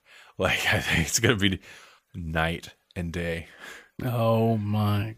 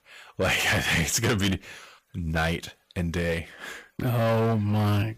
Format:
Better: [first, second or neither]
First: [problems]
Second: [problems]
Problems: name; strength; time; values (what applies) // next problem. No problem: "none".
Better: first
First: none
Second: distortion; heavy; 13% of the sound clipped